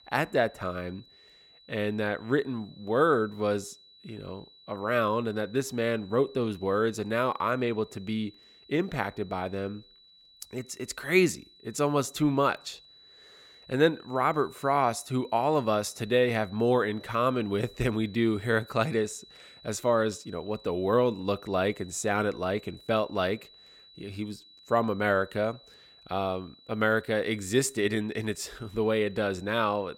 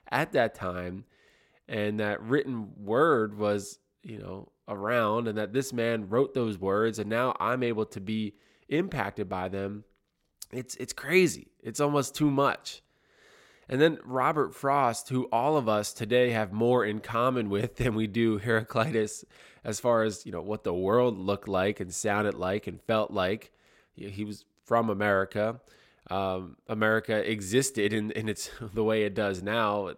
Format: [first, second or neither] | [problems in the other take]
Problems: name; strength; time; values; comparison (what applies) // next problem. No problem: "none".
second | high-pitched whine; faint; throughout; 4 kHz, 25 dB below the speech